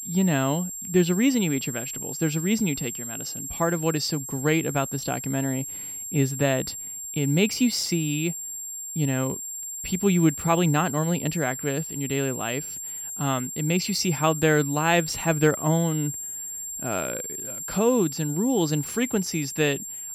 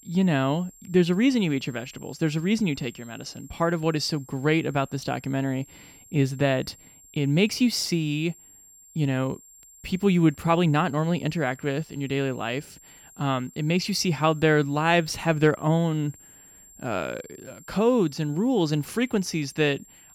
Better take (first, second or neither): second